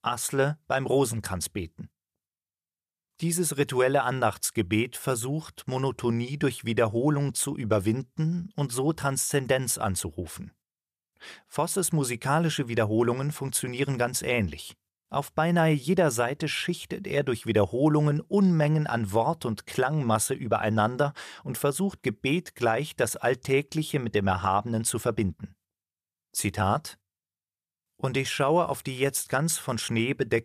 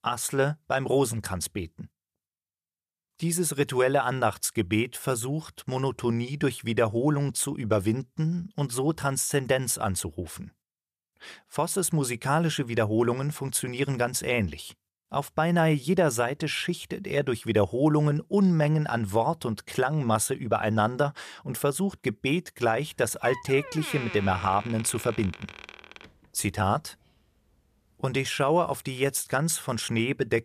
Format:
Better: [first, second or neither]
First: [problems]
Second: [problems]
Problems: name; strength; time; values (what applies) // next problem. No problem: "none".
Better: first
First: none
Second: door banging; noticeable; from 23 to 27 s; peak 8 dB below the speech